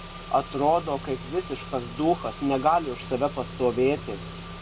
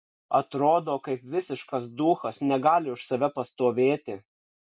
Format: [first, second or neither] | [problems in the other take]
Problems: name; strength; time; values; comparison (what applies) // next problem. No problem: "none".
second | background sound (Engine / Car); 12 dB below the speech